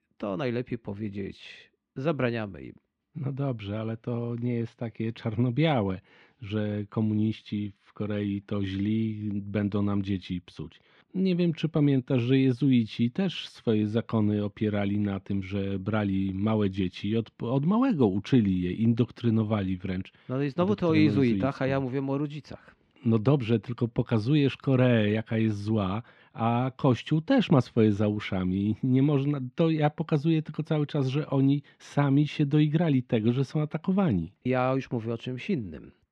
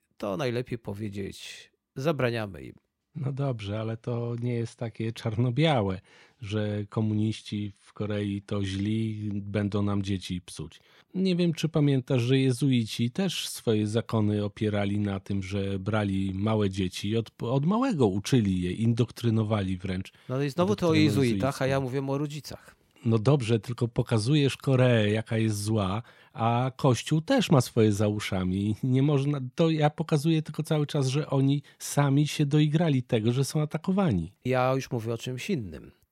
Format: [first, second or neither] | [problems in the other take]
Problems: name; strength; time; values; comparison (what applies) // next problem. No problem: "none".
second | muffled; slightly; fading above 3 kHz